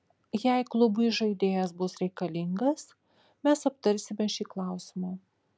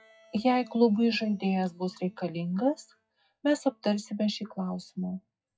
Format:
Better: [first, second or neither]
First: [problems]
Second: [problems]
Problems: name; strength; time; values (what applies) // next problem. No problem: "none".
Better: first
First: none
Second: noise reduction (classical method WPE with log-MMSE)